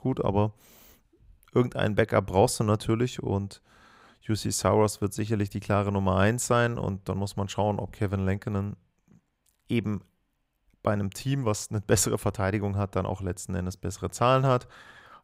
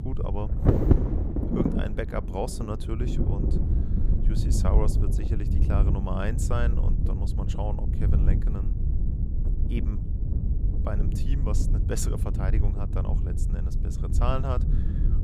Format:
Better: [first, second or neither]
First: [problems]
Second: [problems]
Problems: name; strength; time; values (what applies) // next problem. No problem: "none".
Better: first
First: none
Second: wind noise on the microphone; heavy; 2 dB below the speech